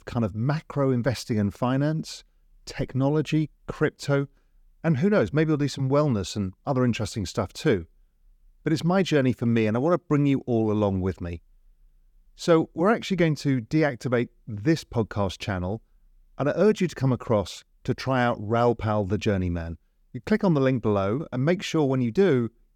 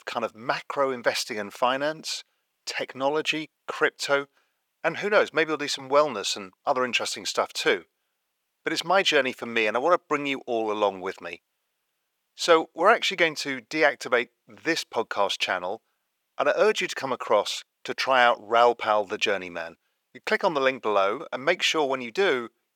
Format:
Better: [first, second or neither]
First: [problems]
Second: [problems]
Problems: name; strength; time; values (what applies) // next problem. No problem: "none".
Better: first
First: none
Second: thin; very; fading below 700 Hz